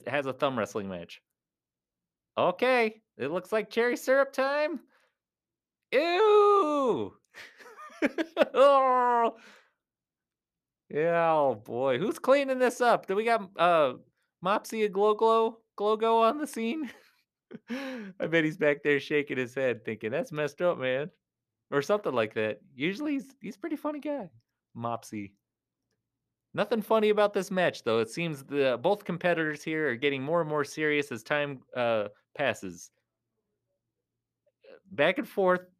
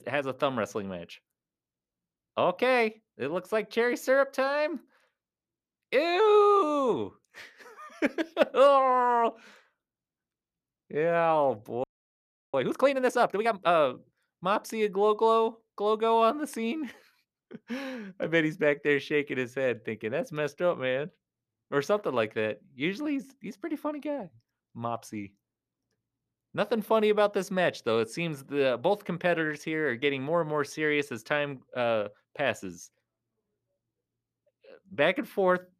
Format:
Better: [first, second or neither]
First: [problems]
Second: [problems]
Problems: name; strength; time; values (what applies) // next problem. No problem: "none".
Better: first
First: none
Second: audio freezing; at 12 s for 0.5 s